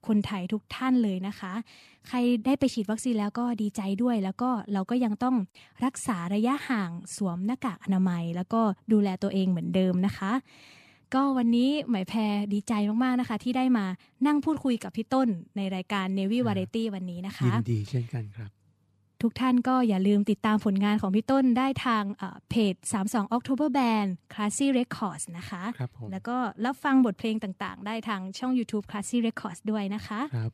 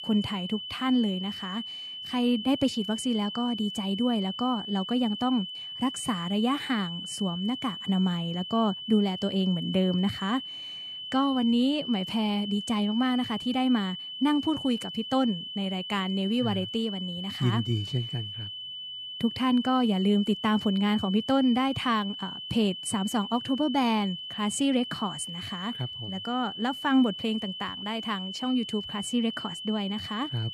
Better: first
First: none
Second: high-pitched whine; loud; throughout; 3 kHz, 7 dB below the speech

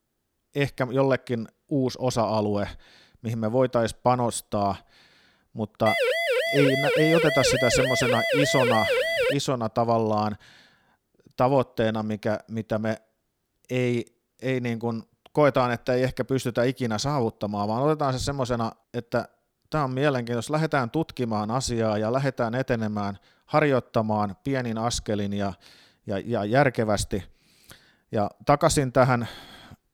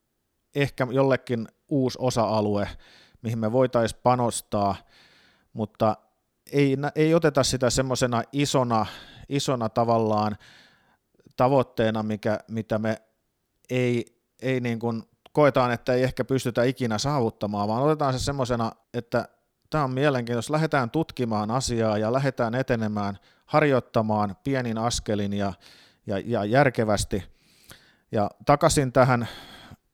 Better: second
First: siren; loud; from 6 to 9.5 s; peak 3 dB above the speech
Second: none

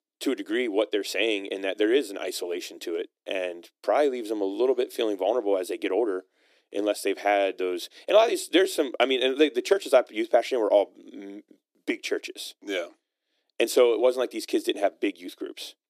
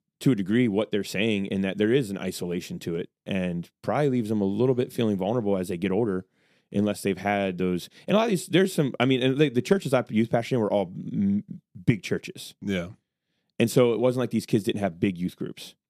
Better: second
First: thin; very; fading below 300 Hz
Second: none

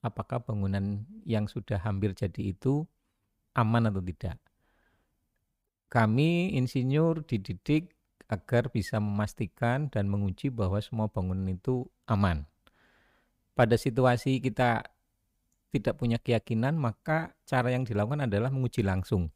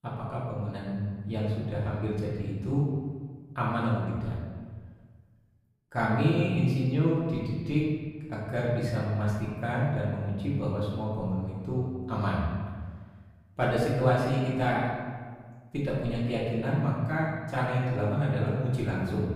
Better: first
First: none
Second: room echo; noticeable; dies away in 1.5 s // off-mic speech; far

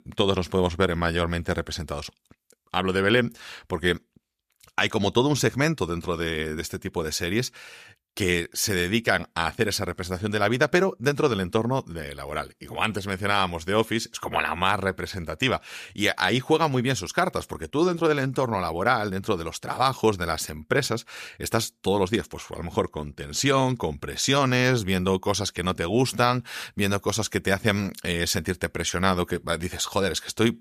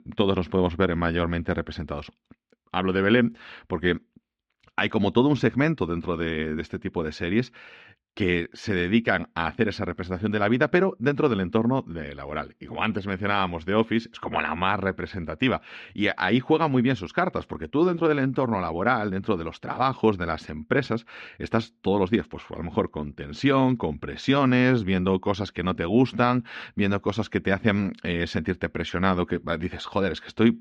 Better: first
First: none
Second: muffled; slightly; fading above 3 kHz

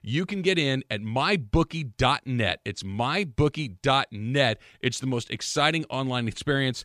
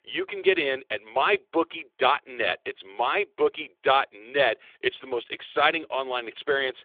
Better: first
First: none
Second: phone-call audio; nothing above 3.5 kHz

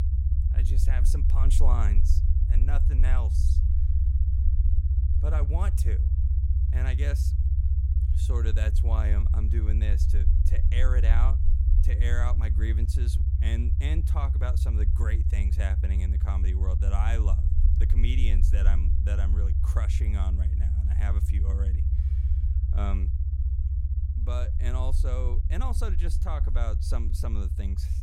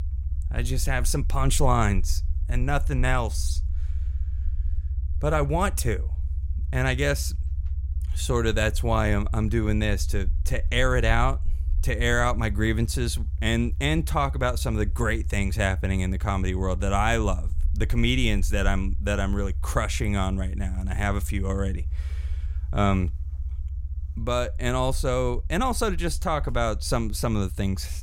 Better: second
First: low rumble; loud; throughout; 4 dB below the speech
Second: low rumble; faint; throughout; 25 dB below the speech

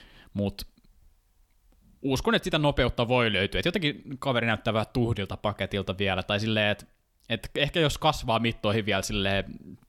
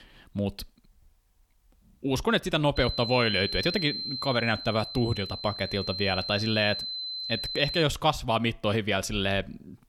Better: first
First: none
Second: high-pitched whine; loud; from 3 to 8 s; 4 kHz, 5 dB below the speech

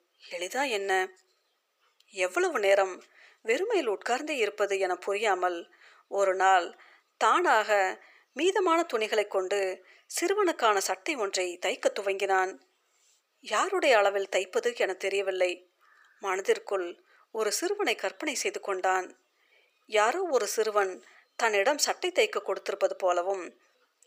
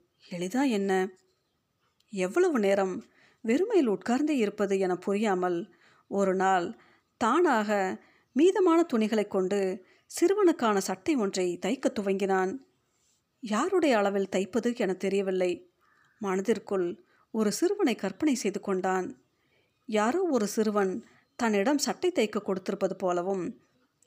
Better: second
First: thin; very; fading below 450 Hz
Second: none

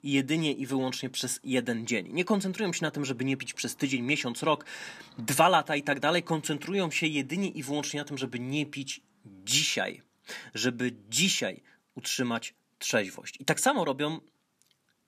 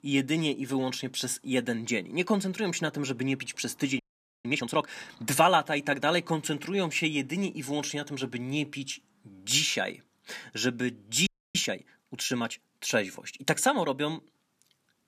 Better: first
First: none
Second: audio freezing; at 4 s and at 11 s

